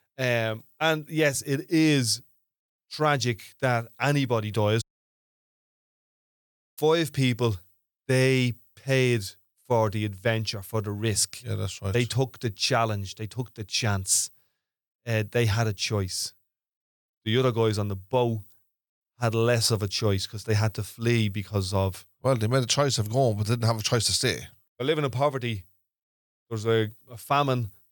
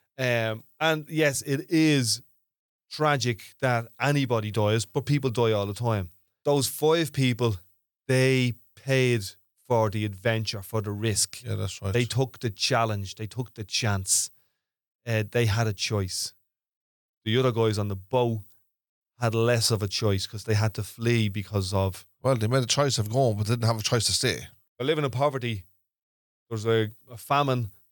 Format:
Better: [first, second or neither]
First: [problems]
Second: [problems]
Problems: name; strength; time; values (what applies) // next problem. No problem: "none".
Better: second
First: audio cutting out; at 5 s for 2 s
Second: none